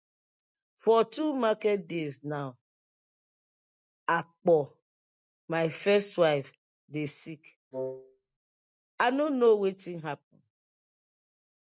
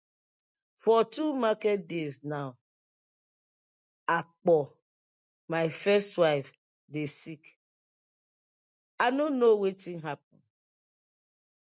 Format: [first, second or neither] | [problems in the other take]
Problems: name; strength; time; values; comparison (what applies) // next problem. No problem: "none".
second | background sound (Wind instrument, woodwind instrument); 8 dB below the speech